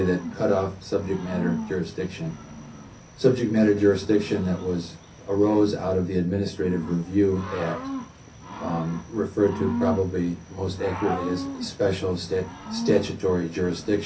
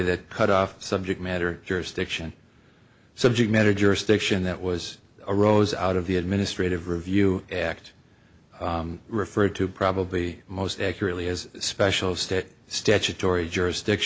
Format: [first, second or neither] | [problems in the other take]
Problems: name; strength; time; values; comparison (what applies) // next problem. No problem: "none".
second | background sound (Cricket / Growling); 10 dB below the speech // room echo; dies away in 0.3 s